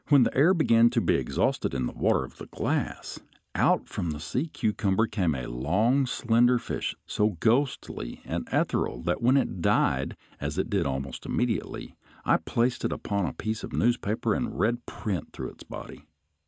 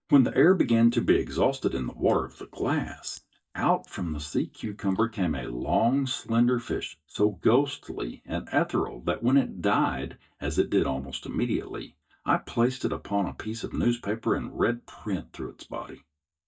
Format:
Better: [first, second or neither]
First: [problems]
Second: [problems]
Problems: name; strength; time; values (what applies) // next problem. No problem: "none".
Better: first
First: none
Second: noise reduction (neural mask model DeepFilterNet 3)